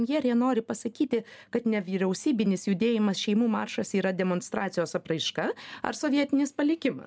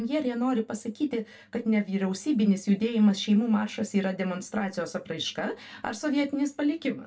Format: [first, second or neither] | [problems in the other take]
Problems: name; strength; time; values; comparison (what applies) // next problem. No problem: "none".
first | room echo; dies away in 0.2 s